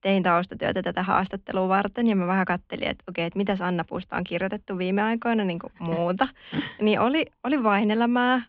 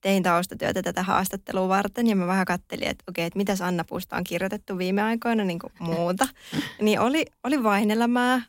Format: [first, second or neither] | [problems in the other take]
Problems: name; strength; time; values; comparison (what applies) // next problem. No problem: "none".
second | muffled; very; fading above 3 kHz